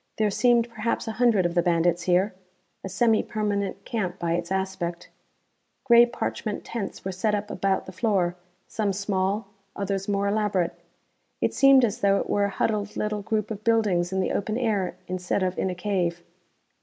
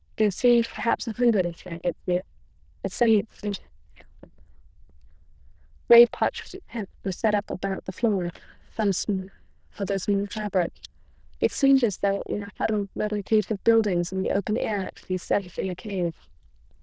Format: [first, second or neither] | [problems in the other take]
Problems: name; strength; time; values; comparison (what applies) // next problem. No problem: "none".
first | noise reduction (neural diffusion model UNIVERSE++)